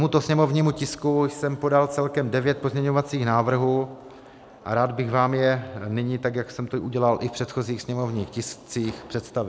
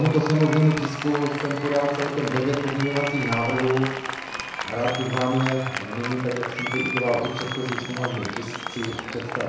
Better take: first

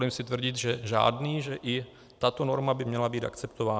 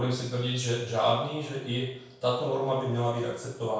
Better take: first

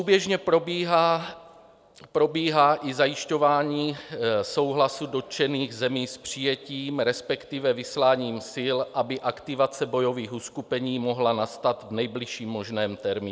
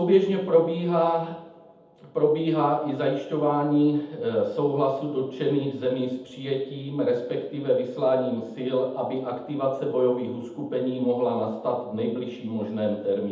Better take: first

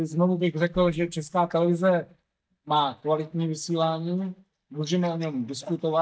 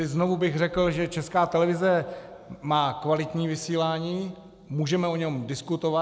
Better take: second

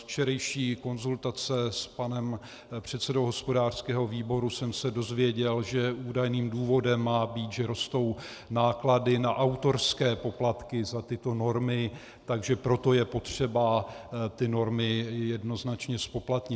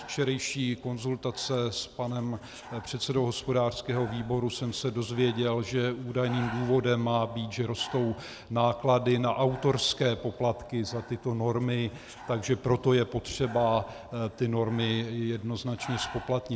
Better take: first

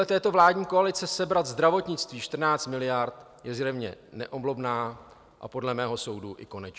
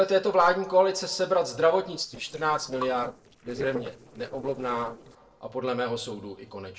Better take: first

